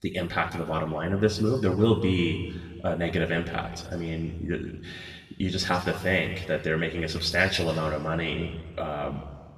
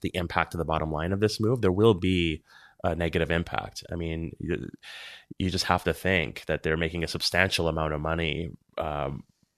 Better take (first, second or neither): second